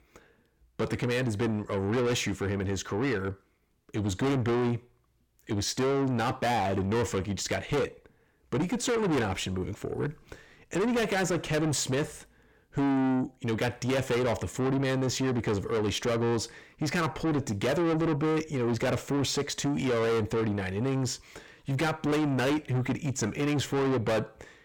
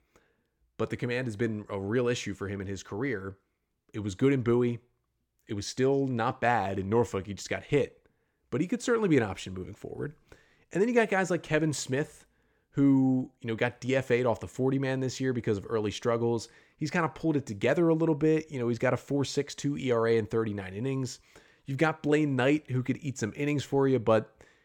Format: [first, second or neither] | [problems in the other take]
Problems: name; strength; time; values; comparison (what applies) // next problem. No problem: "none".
second | distortion; heavy; 6 dB below the speech